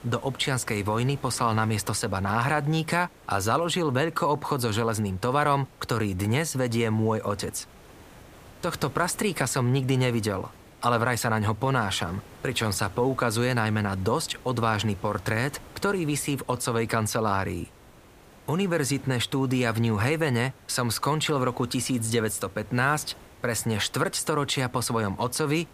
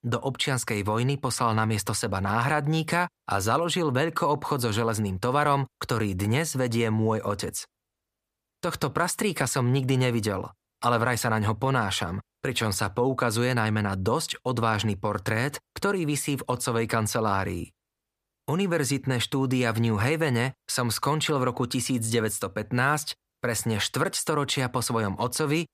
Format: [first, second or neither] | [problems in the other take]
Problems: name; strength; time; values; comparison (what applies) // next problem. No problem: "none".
second | hiss; faint; throughout; 25 dB below the speech